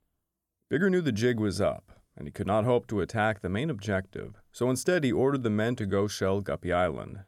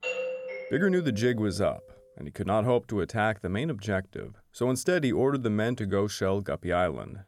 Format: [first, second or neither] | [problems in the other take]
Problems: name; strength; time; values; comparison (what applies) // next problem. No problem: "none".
first | doorbell; noticeable; until 1.5 s; peak 4 dB below the speech